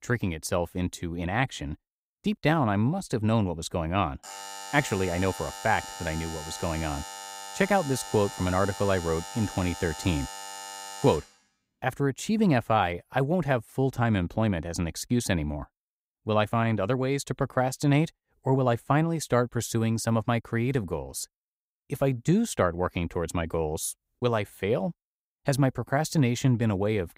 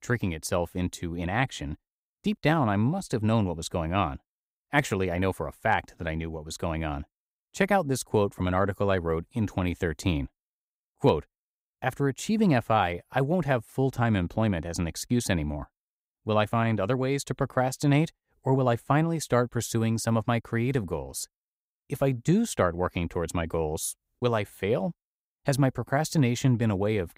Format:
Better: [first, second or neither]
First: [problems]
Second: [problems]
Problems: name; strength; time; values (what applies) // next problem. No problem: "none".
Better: second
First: alarm; faint; from 4 to 11 s; peak 10 dB below the speech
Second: none